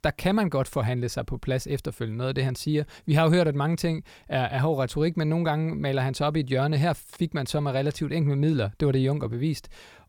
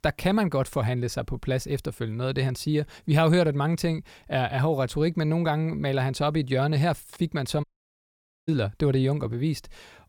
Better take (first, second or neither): first